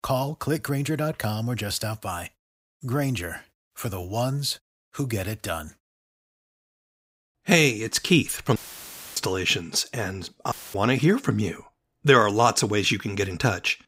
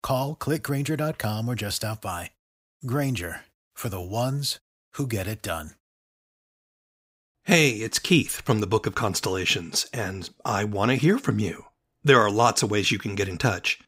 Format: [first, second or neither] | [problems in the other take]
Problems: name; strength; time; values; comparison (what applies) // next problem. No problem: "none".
second | audio cutting out; filled with static; at 8.5 s for 0.5 s and at 11 s